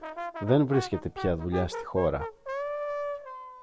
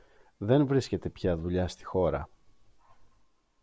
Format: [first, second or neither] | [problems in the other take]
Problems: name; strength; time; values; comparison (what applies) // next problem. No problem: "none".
second | background sound (Brass instrument); 7 dB below the speech